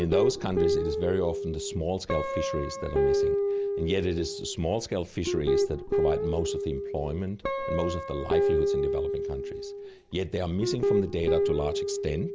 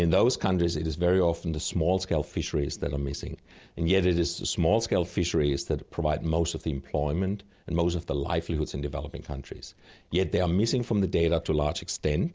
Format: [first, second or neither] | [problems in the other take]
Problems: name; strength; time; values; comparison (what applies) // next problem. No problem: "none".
second | background sound (Guitar); 2 dB above the speech